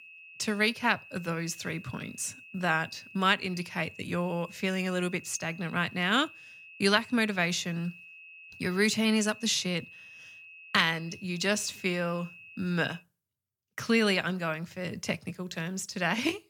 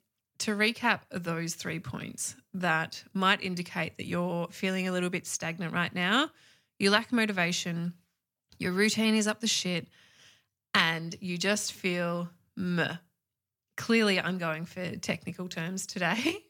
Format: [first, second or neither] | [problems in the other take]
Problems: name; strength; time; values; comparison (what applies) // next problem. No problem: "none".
second | high-pitched whine; noticeable; until 13 s; 2.5 kHz, 20 dB below the speech